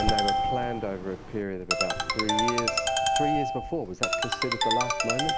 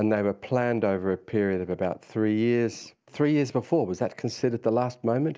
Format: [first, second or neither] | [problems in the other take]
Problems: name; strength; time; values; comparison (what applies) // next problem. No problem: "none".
second | background sound (Ringtone); 5 dB above the speech